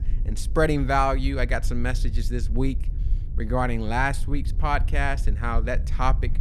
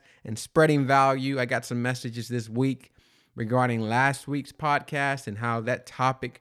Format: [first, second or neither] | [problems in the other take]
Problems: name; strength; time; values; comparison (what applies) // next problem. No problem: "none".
second | low rumble; faint; throughout; 20 dB below the speech